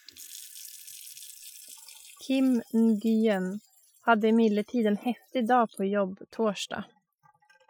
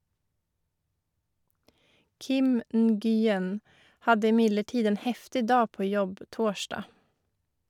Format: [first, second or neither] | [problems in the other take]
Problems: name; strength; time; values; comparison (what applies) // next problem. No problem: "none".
second | noise reduction (classical method Wiener filter)